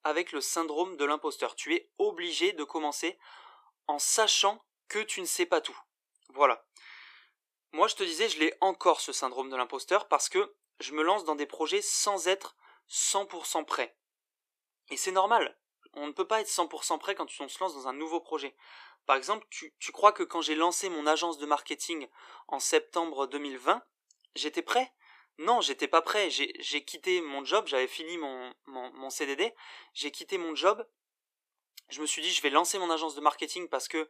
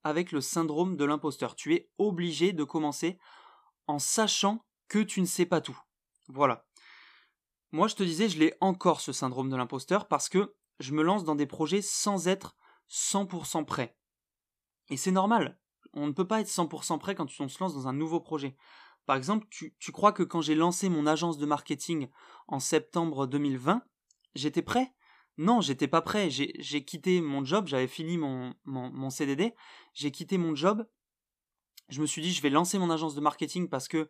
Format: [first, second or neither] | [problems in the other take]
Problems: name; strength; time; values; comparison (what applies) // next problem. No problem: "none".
second | thin; very; fading below 350 Hz